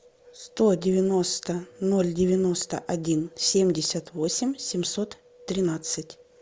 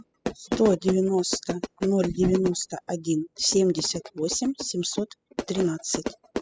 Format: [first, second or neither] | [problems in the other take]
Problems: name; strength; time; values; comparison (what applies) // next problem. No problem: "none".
first | noise reduction (classical method spectral subtraction)